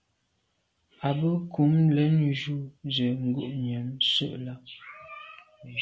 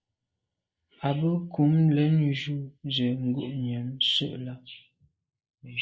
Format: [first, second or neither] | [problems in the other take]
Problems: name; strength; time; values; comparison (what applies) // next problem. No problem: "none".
first | noise reduction (neural mask model Resemble Enhance denoiser)